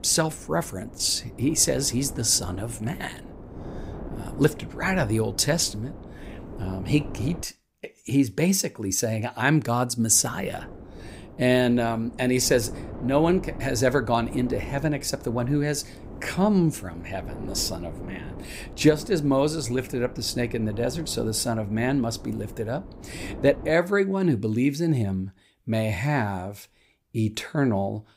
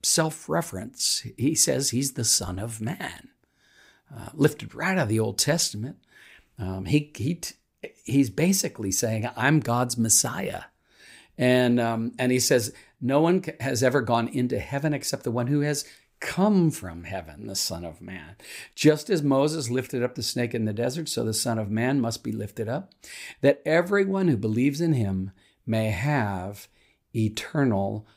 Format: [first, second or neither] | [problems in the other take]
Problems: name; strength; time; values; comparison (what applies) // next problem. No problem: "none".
second | wind noise on the microphone; occasional gusts; until 7.5 s and from 10 to 24 s; 20 dB below the speech